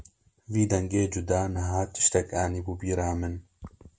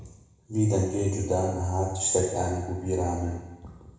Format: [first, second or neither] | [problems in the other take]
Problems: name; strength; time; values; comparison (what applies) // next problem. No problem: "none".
first | room echo; dies away in 1 s